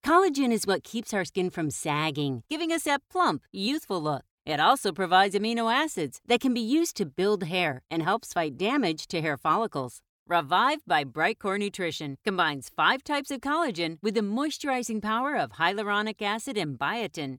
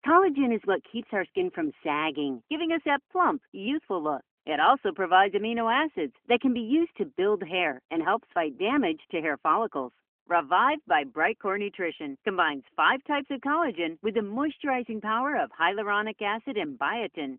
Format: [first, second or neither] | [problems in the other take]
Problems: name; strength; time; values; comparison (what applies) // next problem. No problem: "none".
first | phone-call audio; nothing above 3 kHz